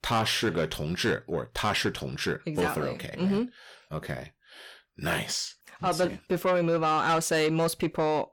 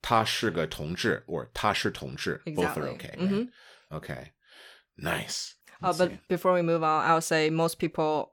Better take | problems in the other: second | distortion; slight; 10 dB below the speech

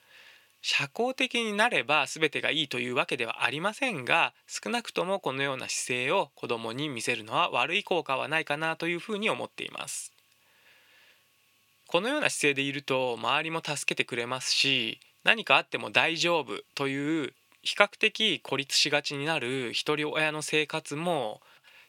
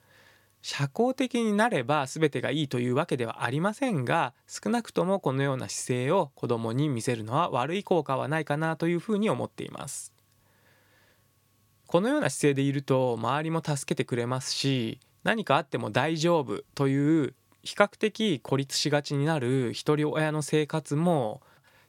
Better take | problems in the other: second | thin; somewhat; fading below 500 Hz

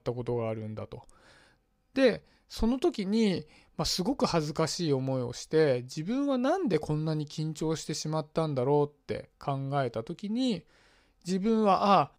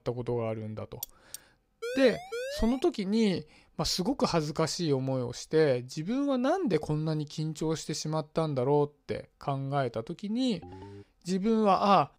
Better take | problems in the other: first | clattering dishes; faint; at 1 s; peak 10 dB below the speech // siren; noticeable; at 2 s; peak 7 dB below the speech // phone ringing; faint; at 11 s; peak 15 dB below the speech

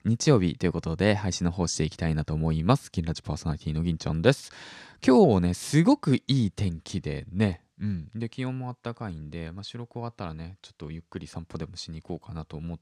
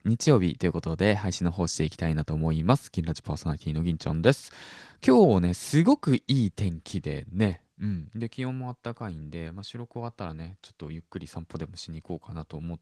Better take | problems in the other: first | garbled, watery; slightly; nothing above 14 kHz

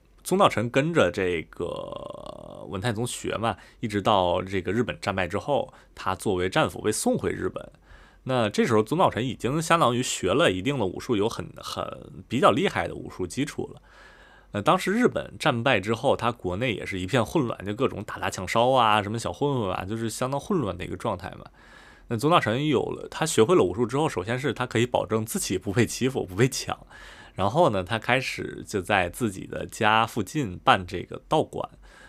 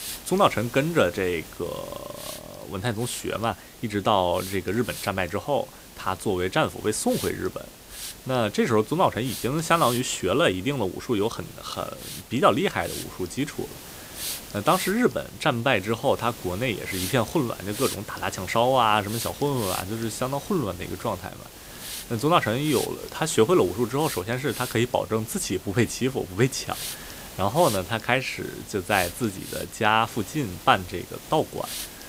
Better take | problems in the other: first | hiss; noticeable; throughout; 10 dB below the speech

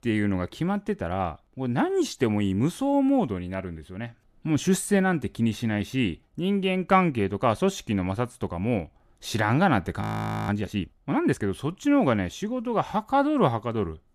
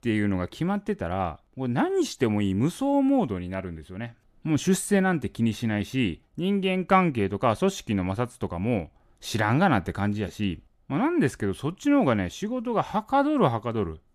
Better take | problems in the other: second | audio freezing; at 10 s

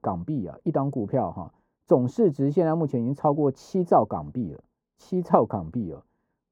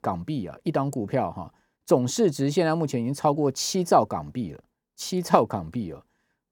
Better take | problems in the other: second | muffled; very; fading above 1.5 kHz

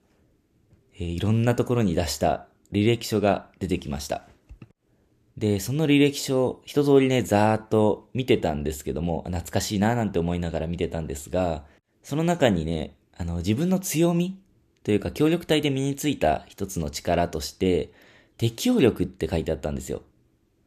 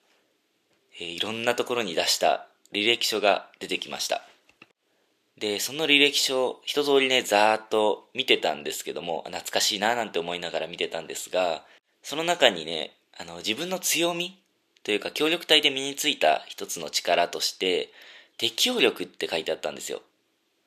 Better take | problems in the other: first | thin; somewhat; fading below 500 Hz

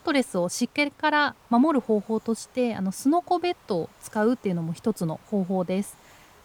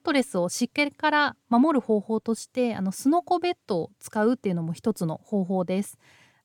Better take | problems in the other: second | hiss; faint; throughout; 30 dB below the speech

